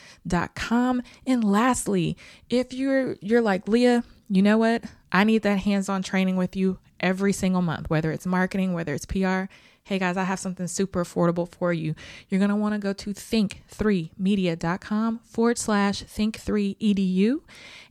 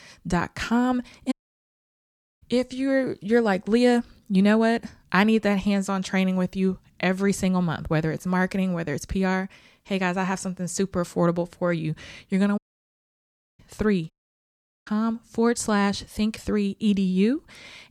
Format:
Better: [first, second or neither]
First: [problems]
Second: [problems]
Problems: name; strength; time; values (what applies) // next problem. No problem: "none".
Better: first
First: none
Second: audio cutting out; at 1.5 s for 1 s, at 13 s for 1 s and at 14 s for 1 s